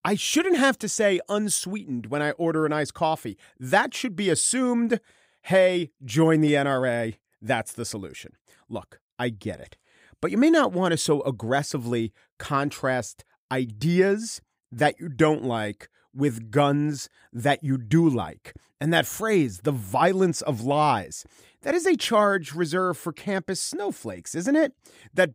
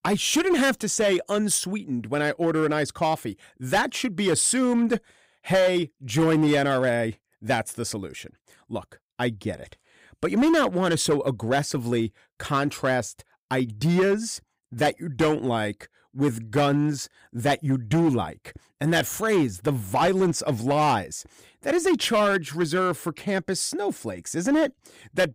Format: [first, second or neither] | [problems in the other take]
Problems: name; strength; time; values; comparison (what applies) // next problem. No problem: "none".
first | distortion; slight; 7% of the sound clipped